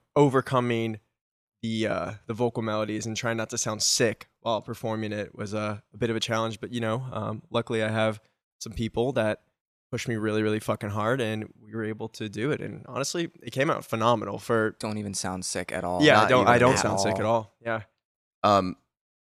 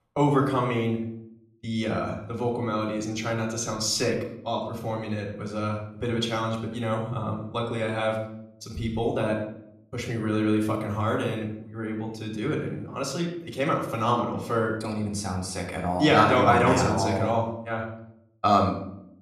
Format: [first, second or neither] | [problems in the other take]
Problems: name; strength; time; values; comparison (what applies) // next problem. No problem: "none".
first | off-mic speech; somewhat distant // room echo; slight; dies away in 0.7 s